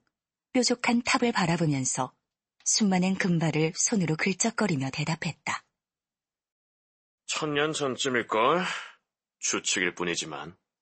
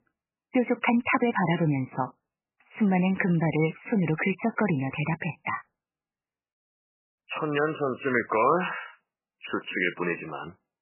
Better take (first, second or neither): first